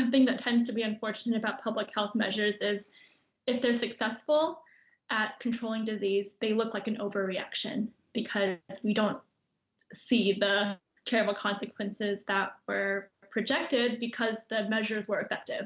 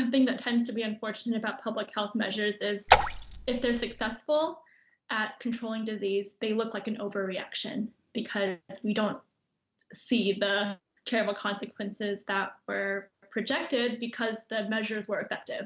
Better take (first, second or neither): first